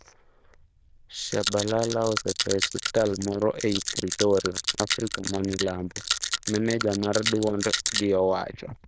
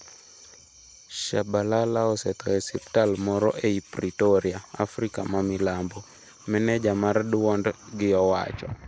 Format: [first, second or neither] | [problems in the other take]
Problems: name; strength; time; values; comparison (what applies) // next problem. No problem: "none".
second | noise reduction (neural diffusion model UNIVERSE++)